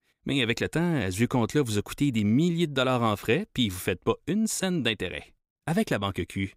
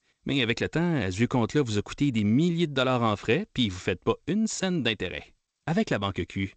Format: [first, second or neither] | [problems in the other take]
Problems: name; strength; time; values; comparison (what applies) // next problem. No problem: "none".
first | garbled, watery; slightly; nothing above 7.5 kHz